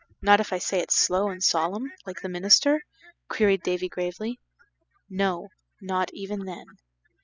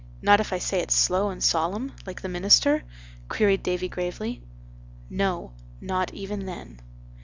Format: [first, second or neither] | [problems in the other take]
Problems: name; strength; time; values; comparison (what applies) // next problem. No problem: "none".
second | noise reduction (classical method spectral subtraction)